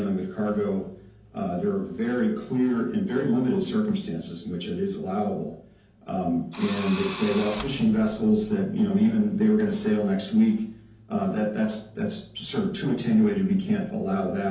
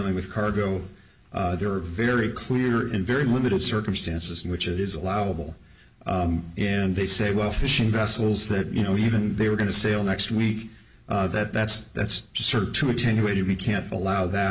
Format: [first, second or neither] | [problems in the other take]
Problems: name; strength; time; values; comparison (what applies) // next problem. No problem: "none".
second | background sound (Engine / Drill); 12 dB below the speech // room echo; dies away in 0.6 s